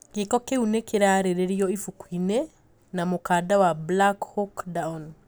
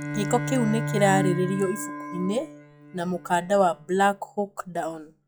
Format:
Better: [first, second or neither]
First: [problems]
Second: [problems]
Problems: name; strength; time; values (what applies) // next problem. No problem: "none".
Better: first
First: none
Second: noise reduction (classical method log-MMSE)